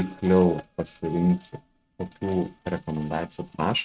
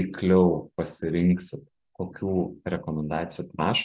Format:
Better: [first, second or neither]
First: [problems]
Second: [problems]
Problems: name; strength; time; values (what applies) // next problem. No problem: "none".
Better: second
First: noise reduction (neural mask model RNNoise)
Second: none